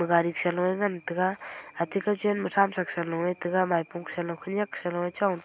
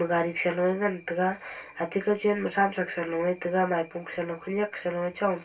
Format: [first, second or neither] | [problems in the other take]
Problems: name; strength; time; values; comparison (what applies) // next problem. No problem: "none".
first | room echo; dies away in 0.2 s